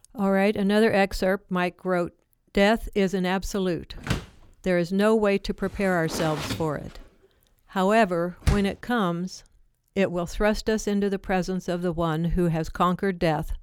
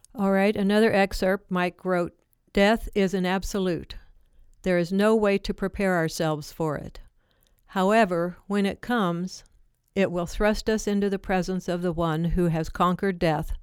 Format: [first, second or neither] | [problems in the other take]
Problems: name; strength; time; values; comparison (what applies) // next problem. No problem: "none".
second | door banging; noticeable; from 4 to 8.5 s; peak 3 dB below the speech